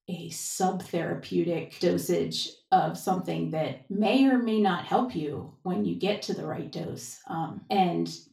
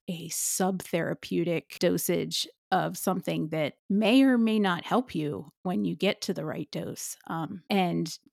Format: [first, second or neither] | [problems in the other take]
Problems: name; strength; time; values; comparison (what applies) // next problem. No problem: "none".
second | room echo; slight; dies away in 0.3 s // off-mic speech; far